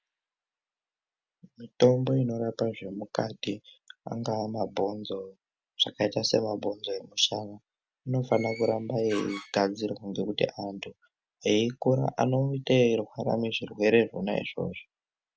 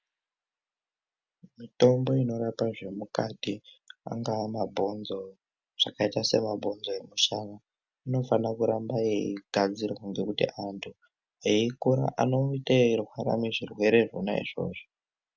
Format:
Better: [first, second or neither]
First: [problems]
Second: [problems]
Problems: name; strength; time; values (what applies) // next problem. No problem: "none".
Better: second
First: background sound (Door); 14 dB below the speech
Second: none